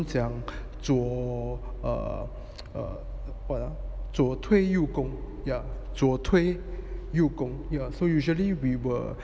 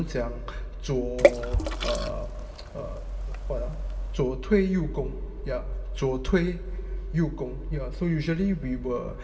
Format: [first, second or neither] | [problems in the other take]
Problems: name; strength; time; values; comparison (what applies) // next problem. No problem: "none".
first | background sound (Water / Splash, splatter); 1 dB below the speech // room echo; dies away in 0.8 s